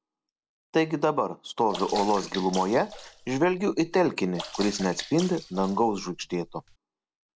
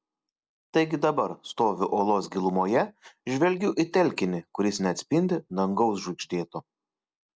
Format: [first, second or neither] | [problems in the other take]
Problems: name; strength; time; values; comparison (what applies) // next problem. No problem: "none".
second | background sound (Sink (filling or washing) / Water / Splash, splatter); 14 dB below the speech